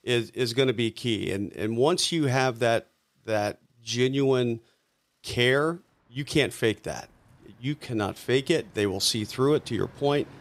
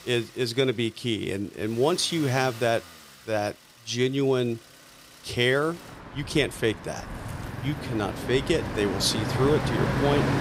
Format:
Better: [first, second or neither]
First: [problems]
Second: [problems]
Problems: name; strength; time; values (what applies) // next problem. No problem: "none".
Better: first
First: traffic noise; faint; throughout; 30 dB below the speech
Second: traffic noise; loud; throughout; 6 dB below the speech